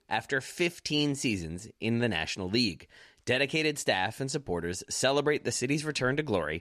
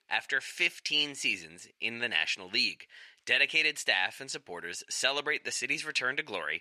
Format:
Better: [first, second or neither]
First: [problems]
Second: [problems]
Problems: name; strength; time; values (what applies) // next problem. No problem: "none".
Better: first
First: none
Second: thin; somewhat; fading below 900 Hz